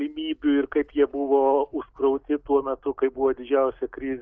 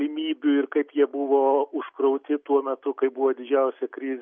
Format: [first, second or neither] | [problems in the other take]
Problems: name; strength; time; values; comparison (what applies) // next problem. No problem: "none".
second | noise reduction (neural mask model DeepFilterNet 3)